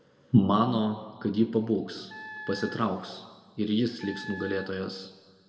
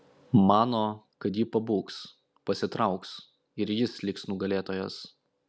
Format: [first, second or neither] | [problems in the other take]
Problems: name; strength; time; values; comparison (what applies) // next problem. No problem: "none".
second | background sound (Wind instrument, woodwind instrument); 14 dB below the speech // room echo; dies away in 1.3 s